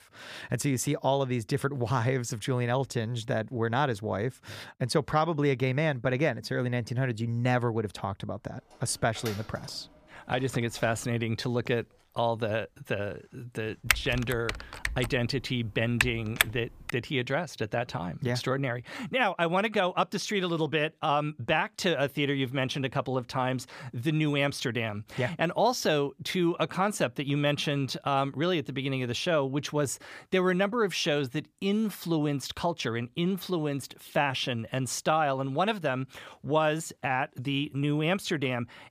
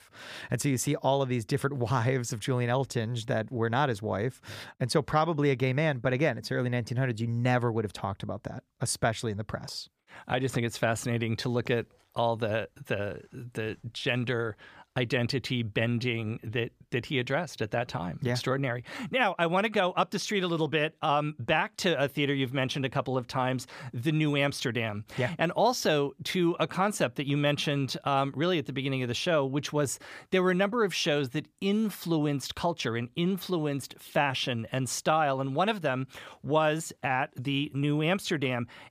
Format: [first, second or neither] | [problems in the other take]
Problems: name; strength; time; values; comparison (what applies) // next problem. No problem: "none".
second | door banging; faint; from 8.5 to 11 s; peak 10 dB below the speech // keyboard typing; loud; from 14 to 17 s; peak 2 dB above the speech